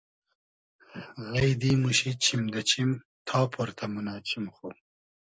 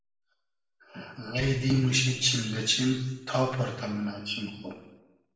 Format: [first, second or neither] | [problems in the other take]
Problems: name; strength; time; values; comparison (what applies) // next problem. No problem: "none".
first | room echo; dies away in 0.9 s